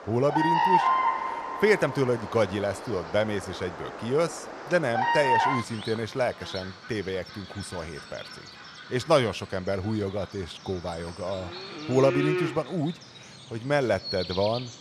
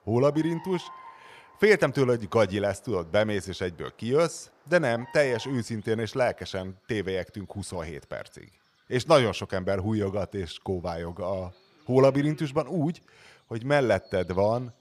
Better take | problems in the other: second | animal sounds; loud; throughout; 1 dB below the speech; faint in the second

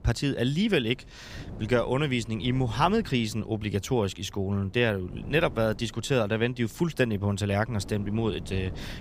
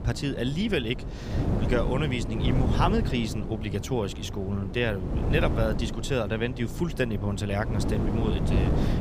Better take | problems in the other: first | wind noise on the microphone; heavy; 6 dB below the speech; occasional gusts in the first

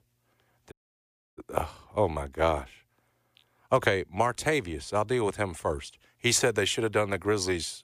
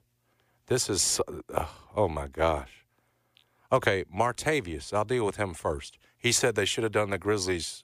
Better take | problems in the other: second | audio cutting out; at 0.5 s for 0.5 s

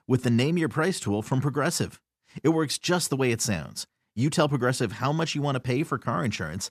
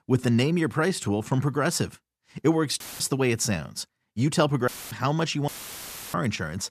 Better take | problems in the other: first | audio cutting out; filled with static; at 3 s, at 4.5 s and at 5.5 s for 0.5 s

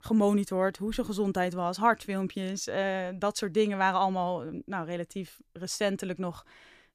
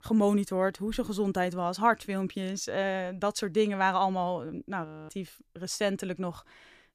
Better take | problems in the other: first | audio freezing; at 5 s

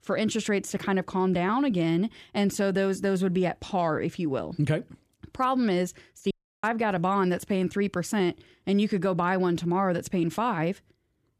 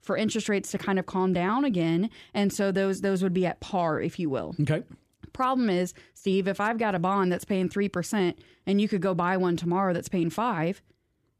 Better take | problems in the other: second | audio cutting out; at 6.5 s

